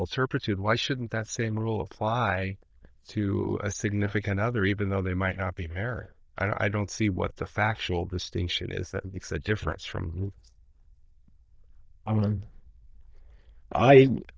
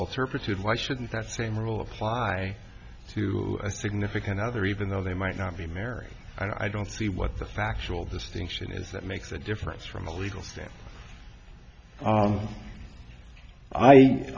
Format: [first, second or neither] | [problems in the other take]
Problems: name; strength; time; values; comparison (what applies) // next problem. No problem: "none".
second | noise reduction (neural diffusion model UNIVERSE++)